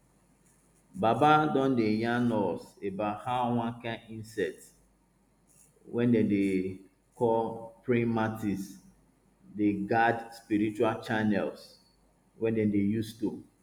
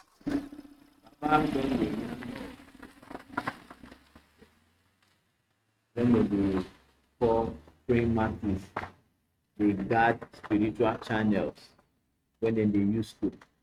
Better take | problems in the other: first | noise reduction (neural mask model RNNoise)

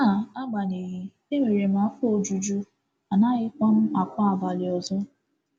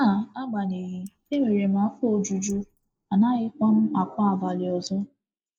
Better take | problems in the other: first | noise reduction (neural mask model Resemble Enhance denoiser)

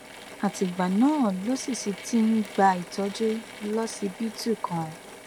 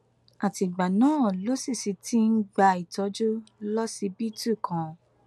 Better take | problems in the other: second | background sound (Drill / Mechanisms); 16 dB below the speech

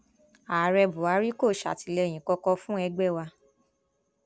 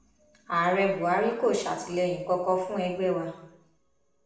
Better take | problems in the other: first | room echo; dies away in 0.7 s

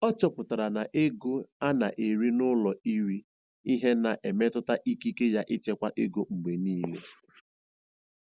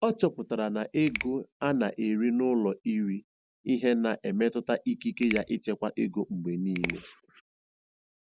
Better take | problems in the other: first | background sound (Finger snapping); 13 dB below the speech

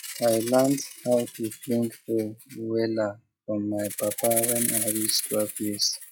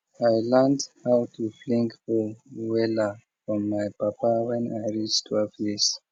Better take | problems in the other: second | noise reduction (classical method log-MMSE)

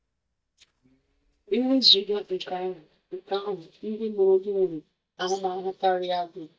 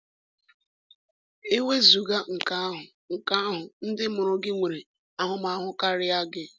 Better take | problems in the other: second | noise reduction (neural mask model DeepFilterNet 3)

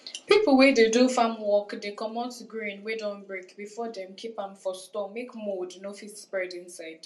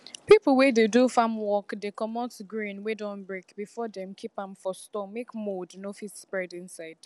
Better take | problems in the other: second | room echo; dies away in 0.2 s

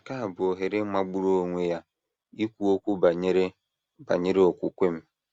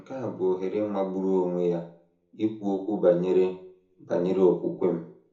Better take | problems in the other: first | room echo; dies away in 0.5 s

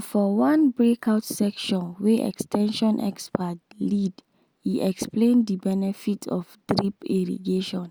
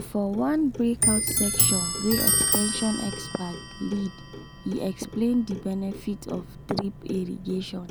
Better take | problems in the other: first | background sound (Clock); 1 dB below the speech

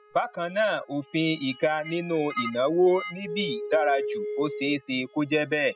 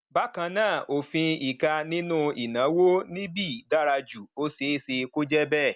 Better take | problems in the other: second | noise reduction (classical method spectral subtraction)

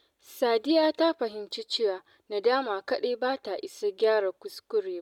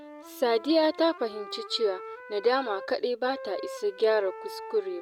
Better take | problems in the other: first | background sound (Wind instrument, woodwind instrument); 14 dB below the speech

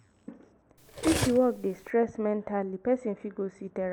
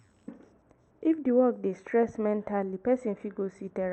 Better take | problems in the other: second | background sound (Cutlery, silverware); 5 dB below the speech

